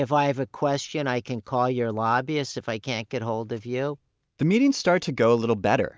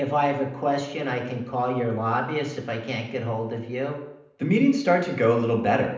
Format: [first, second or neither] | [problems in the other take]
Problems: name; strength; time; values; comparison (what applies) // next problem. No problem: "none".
first | room echo; dies away in 0.8 s